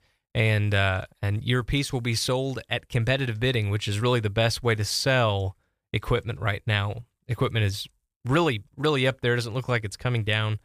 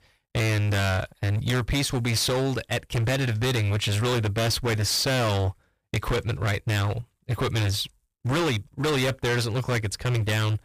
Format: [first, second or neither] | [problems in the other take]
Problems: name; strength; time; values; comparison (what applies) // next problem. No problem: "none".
first | distortion; heavy; 30% of the sound clipped